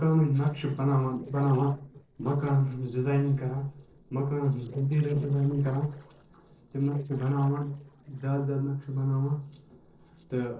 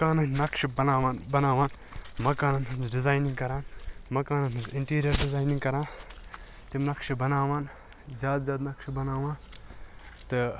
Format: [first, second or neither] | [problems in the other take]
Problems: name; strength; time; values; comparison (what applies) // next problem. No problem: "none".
second | noise reduction (neural separator model SepFormer DNS4)